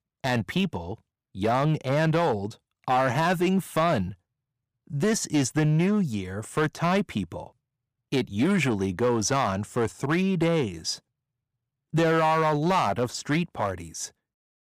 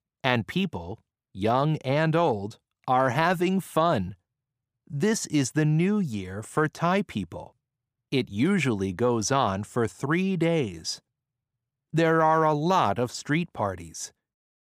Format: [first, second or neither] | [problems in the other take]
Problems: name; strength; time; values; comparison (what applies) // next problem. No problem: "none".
second | distortion; slight; 6% of the sound clipped